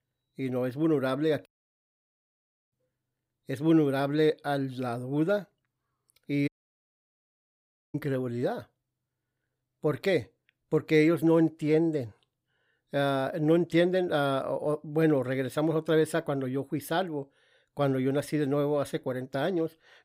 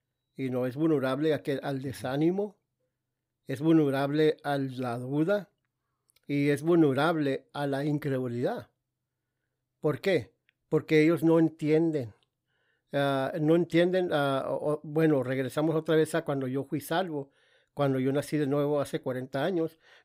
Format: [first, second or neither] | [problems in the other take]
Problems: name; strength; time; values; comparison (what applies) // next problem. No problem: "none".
second | audio cutting out; at 1.5 s for 1.5 s and at 6.5 s for 1.5 s